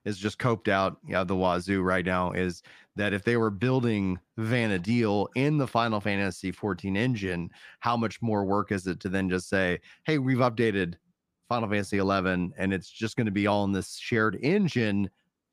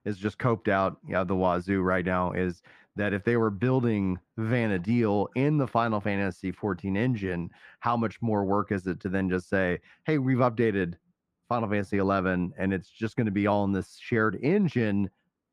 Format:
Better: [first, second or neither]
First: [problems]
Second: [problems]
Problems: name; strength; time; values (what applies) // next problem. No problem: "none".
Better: first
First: none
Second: muffled; slightly; fading above 2.5 kHz